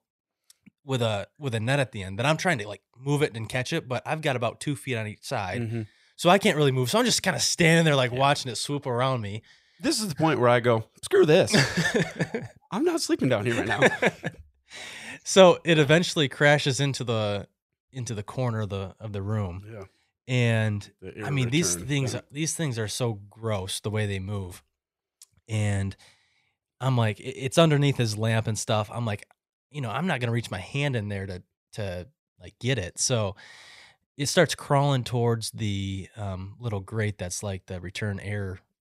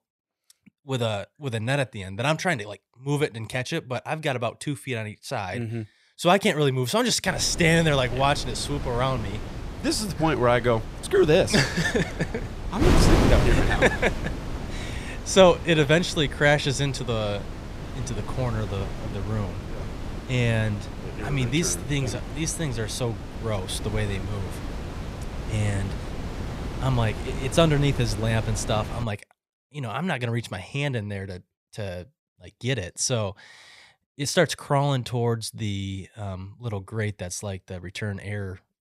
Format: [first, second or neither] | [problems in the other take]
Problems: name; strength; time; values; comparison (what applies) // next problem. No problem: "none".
first | wind noise on the microphone; occasional gusts; from 7.5 to 29 s; 10 dB below the speech